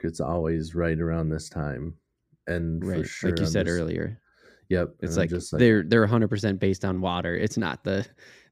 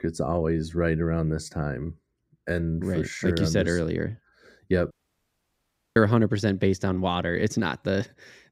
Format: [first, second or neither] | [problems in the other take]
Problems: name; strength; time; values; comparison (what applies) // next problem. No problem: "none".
first | audio cutting out; at 5 s for 1 s